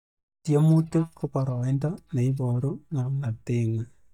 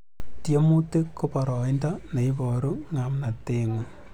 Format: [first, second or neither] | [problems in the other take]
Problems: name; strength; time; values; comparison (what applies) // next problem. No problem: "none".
second | noise reduction (neural mask model DeepFilterNet 3)